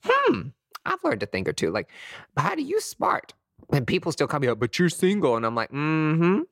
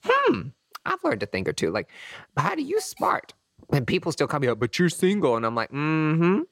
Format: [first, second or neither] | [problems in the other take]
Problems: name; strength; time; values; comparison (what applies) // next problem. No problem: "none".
first | hiss; faint; throughout; 25 dB below the speech